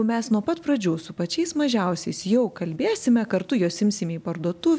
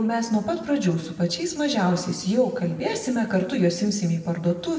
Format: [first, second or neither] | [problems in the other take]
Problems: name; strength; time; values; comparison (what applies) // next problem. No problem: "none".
first | room echo; dies away in 1.1 s